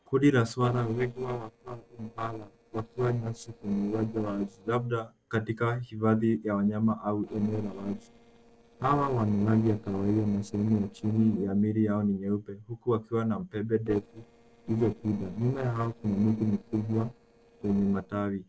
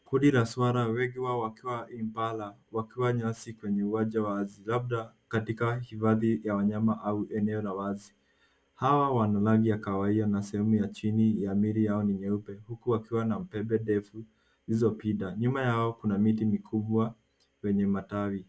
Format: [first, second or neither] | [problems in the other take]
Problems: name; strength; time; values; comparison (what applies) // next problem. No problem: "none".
second | noise reduction (neural separator model SepFormer DNS4)